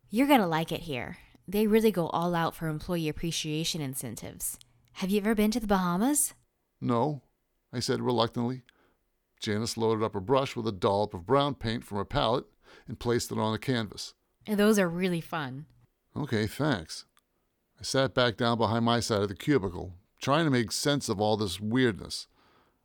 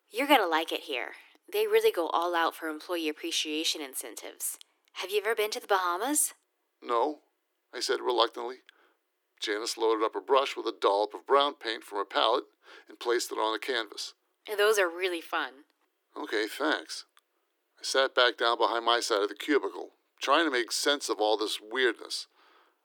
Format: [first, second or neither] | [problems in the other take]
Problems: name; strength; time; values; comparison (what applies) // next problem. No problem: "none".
first | thin; very; fading below 300 Hz